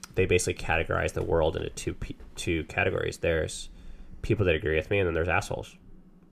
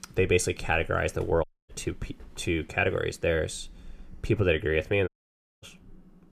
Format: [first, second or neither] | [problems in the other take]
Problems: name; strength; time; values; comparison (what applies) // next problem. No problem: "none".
first | audio cutting out; at 1.5 s and at 5 s for 0.5 s